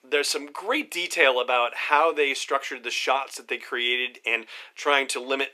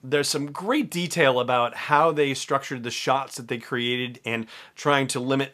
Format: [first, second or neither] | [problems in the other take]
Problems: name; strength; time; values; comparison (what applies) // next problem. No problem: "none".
second | thin; somewhat; fading below 350 Hz